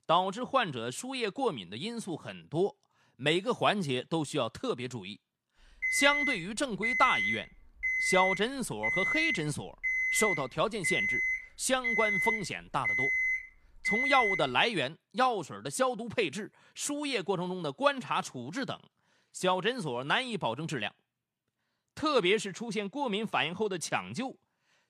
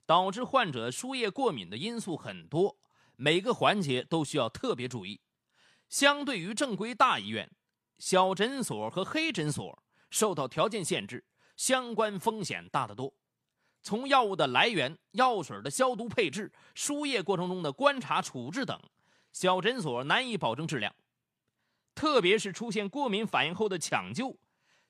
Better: second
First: alarm; loud; from 6 to 14 s; peak 5 dB above the speech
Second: none

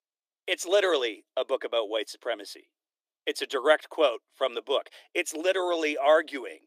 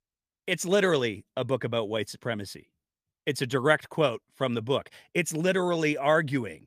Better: second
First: thin; very; fading below 300 Hz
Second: none

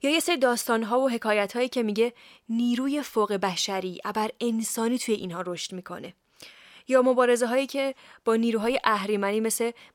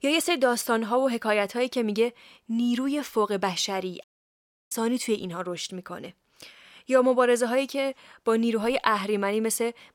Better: first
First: none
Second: audio cutting out; at 4 s for 0.5 s

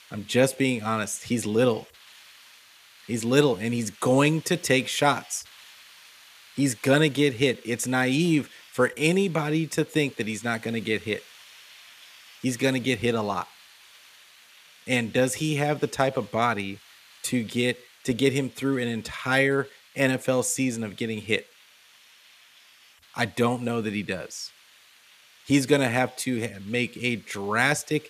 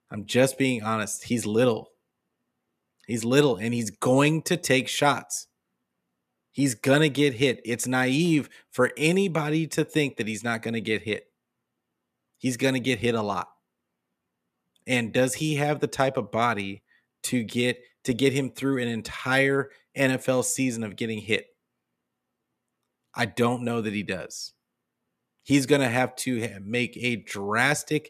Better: second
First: hiss; faint; throughout; 25 dB below the speech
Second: none

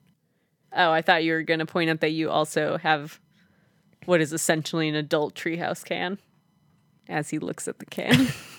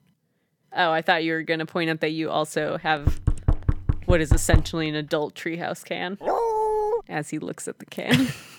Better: first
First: none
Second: door banging; loud; from 3 to 4.5 s; peak 3 dB above the speech // dog barking; loud; at 6 s; peak 2 dB above the speech

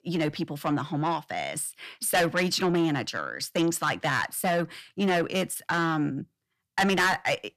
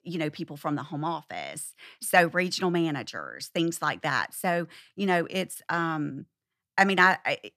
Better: second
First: distortion; heavy; 6 dB below the speech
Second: none

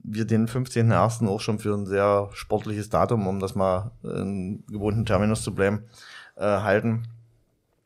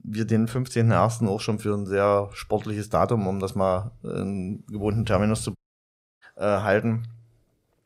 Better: first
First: none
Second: audio cutting out; at 5.5 s for 0.5 s

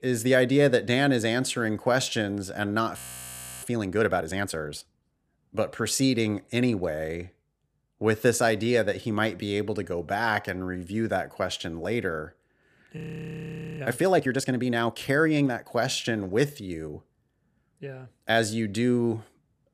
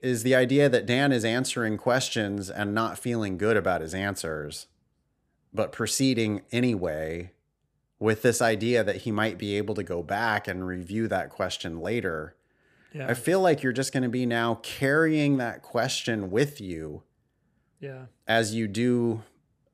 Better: second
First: audio freezing; at 3 s for 0.5 s and at 13 s for 1 s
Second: none

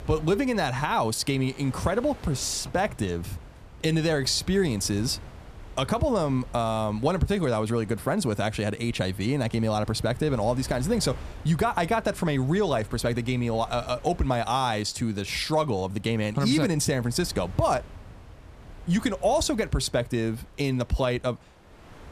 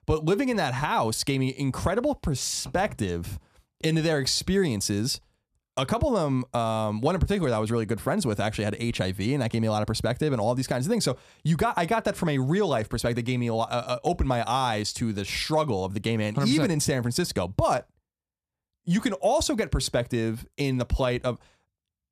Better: second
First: wind noise on the microphone; occasional gusts; 25 dB below the speech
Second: none

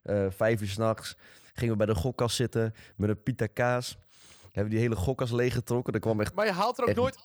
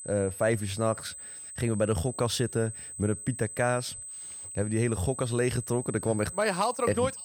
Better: first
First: none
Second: high-pitched whine; loud; throughout; 8 kHz, 10 dB below the speech

